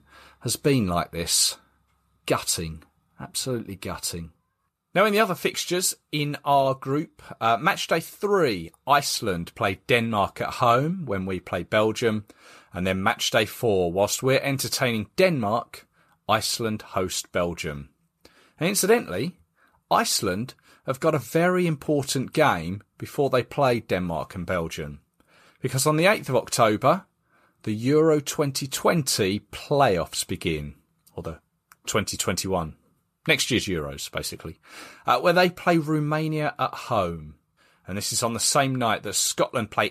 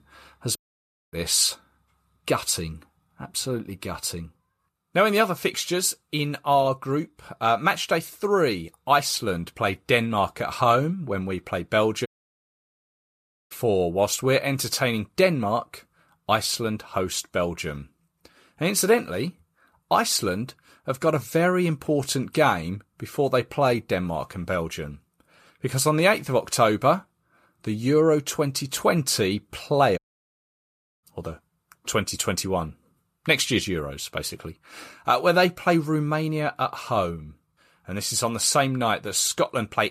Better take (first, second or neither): first